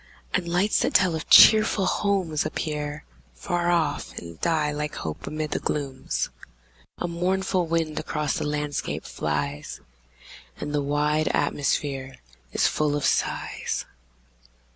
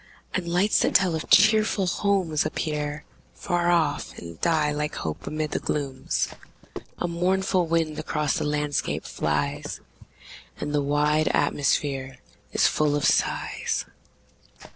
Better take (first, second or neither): first